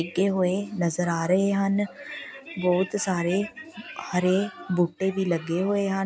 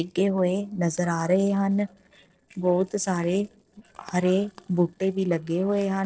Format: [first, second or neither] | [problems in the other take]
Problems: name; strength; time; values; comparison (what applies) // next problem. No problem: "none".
first | noise reduction (neural separator model SepFormer DNS4)